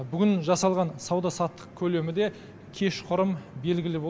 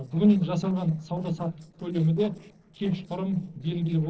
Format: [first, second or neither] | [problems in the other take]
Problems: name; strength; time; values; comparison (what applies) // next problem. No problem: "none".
first | noise reduction (neural separator model SepFormer DNS4)